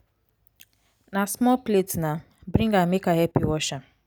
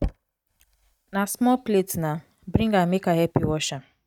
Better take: first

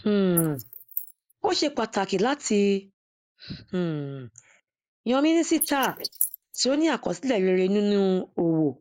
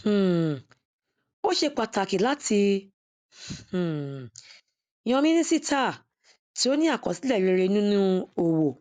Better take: second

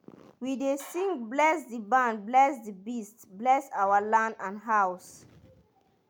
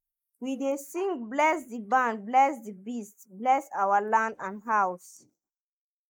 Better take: first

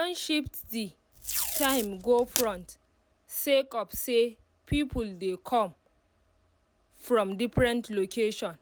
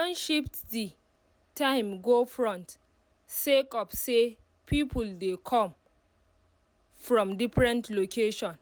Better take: second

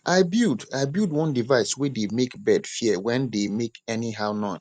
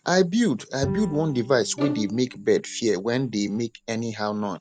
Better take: first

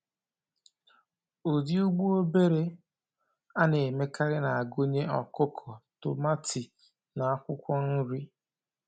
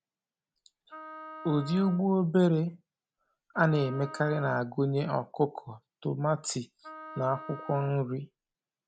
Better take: first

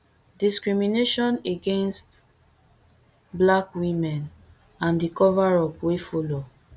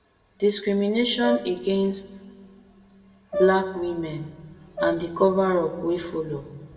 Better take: first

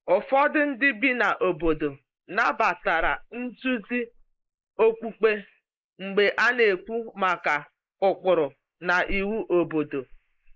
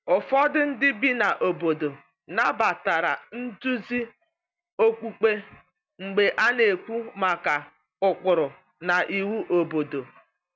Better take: second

